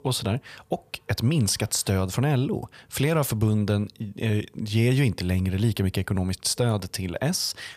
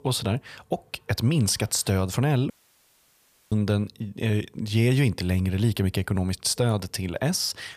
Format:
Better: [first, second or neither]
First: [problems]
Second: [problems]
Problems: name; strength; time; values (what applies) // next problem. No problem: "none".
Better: first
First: none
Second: audio cutting out; at 2.5 s for 1 s